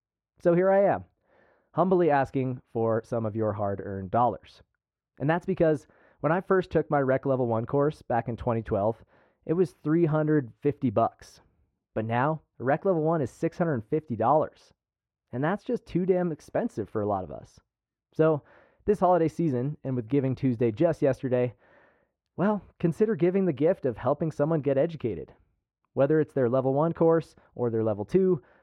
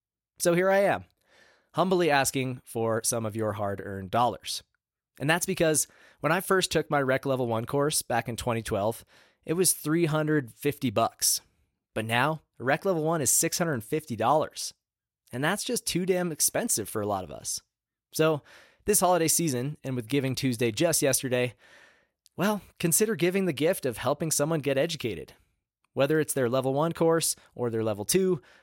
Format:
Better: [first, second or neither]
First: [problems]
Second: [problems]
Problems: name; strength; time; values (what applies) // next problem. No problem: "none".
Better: second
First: muffled; very; fading above 3.5 kHz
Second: none